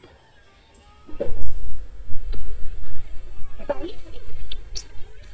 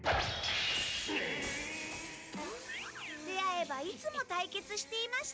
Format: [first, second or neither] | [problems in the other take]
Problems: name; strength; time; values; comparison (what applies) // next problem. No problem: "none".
second | noise reduction (neural mask model DeepFilterNet 3)